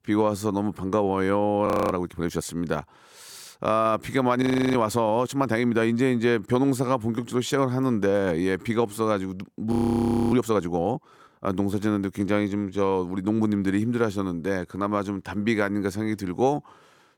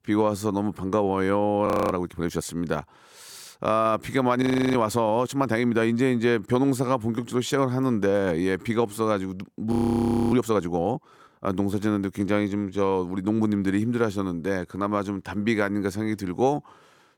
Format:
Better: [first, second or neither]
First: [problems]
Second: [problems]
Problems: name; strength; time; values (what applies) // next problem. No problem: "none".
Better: neither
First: audio freezing; at 1.5 s, at 4.5 s and at 9.5 s for 0.5 s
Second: audio freezing; at 1.5 s, at 4.5 s and at 9.5 s for 0.5 s